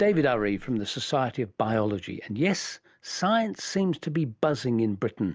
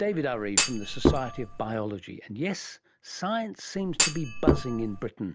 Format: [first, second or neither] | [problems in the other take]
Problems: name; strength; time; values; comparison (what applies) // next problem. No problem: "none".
first | background sound (Thump, thud); 5 dB above the speech